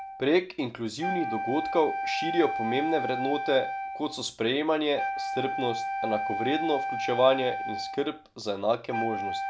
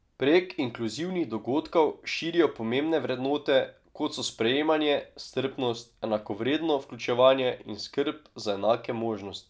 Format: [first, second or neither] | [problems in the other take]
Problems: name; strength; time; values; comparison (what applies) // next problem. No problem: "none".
second | background sound (Wind instrument, woodwind instrument); 4 dB below the speech